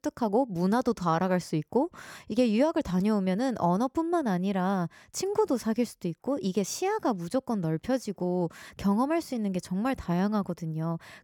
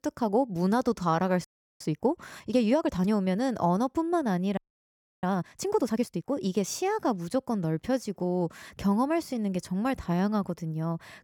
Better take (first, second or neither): first